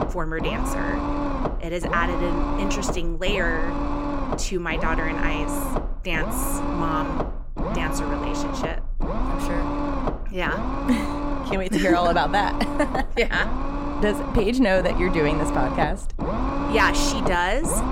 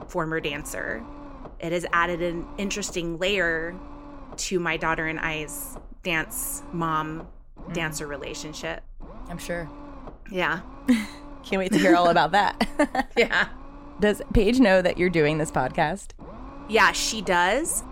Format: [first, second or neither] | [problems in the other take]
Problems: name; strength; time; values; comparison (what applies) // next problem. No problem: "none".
second | low rumble; loud; throughout; 4 dB below the speech; faint in the second